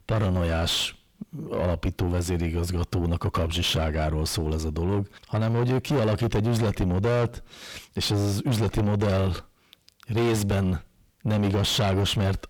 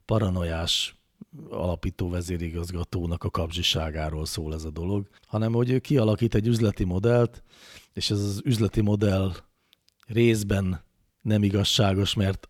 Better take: second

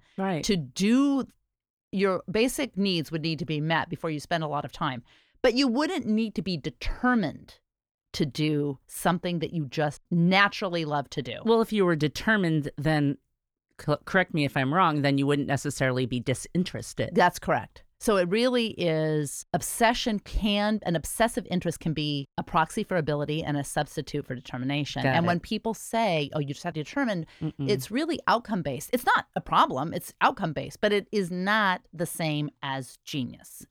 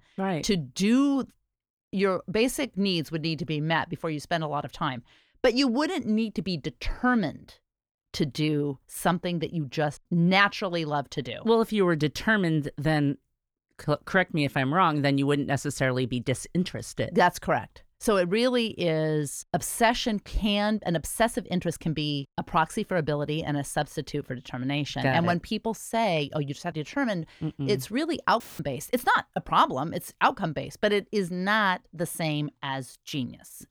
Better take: first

